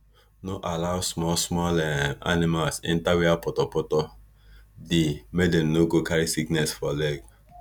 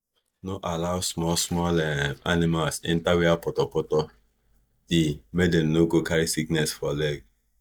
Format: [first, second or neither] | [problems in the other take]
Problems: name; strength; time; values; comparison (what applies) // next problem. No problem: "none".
first | noise reduction (neural mask model DeepFilterNet 3)